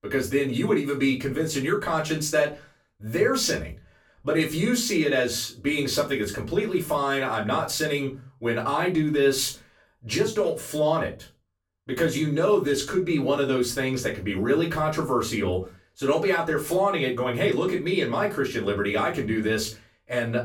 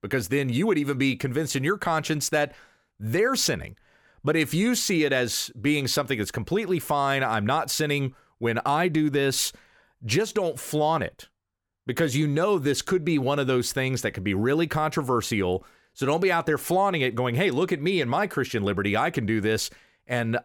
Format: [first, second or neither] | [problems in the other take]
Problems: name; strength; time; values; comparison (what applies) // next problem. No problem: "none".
second | off-mic speech; far // room echo; very slight; dies away in 0.2 s